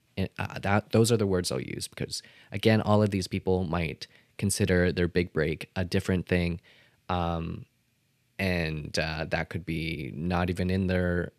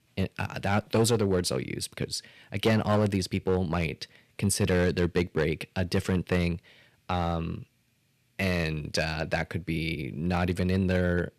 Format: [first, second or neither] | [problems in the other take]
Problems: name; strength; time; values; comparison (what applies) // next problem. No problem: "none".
first | distortion; slight; 2% of the sound clipped